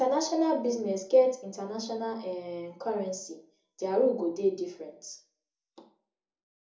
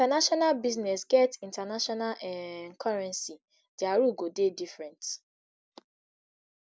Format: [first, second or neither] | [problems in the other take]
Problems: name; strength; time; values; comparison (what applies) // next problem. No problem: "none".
second | room echo; dies away in 0.6 s